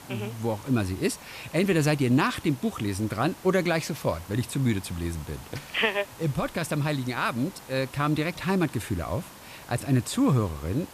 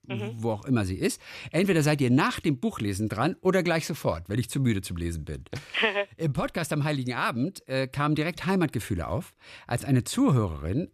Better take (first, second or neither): second